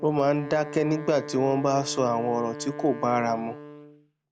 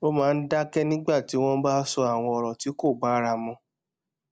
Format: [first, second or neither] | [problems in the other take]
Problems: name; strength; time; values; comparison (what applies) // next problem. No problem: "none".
second | background sound (Wind instrument, woodwind instrument); 13 dB below the speech